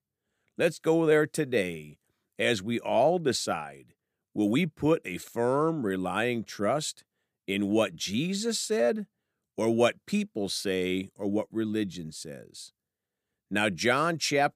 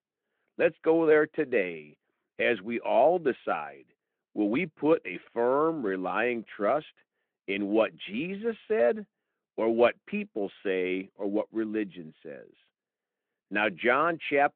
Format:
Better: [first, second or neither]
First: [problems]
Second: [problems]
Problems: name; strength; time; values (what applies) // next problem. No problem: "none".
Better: first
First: none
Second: phone-call audio